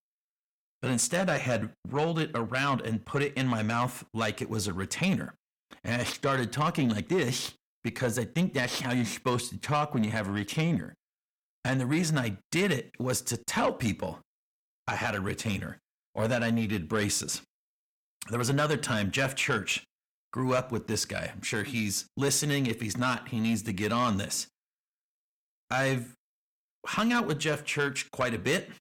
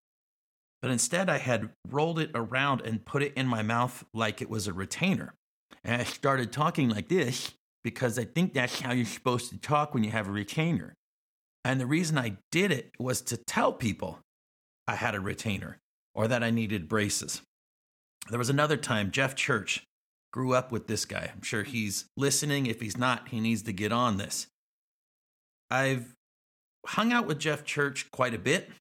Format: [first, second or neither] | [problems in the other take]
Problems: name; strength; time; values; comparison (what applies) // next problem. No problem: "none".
second | distortion; slight; 10 dB below the speech